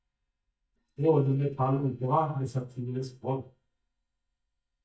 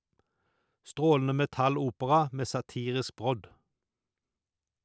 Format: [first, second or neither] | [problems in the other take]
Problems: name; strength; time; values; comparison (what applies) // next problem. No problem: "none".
second | noise reduction (neural mask model DeepFilterNet 3)